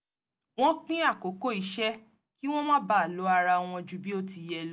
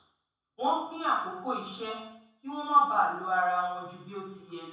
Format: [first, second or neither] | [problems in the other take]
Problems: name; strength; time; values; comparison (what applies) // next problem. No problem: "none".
first | room echo; dies away in 0.7 s